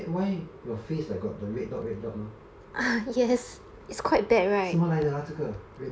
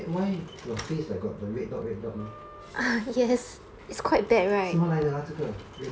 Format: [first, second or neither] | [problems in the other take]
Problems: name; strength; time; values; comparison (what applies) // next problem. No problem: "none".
first | background sound (Wind instrument, woodwind instrument + Slam); 20 dB below the speech